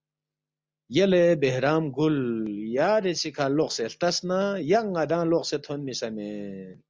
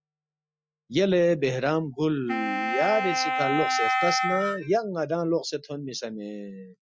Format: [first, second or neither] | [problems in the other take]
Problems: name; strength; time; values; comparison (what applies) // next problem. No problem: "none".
first | noise reduction (classical method Wiener filter)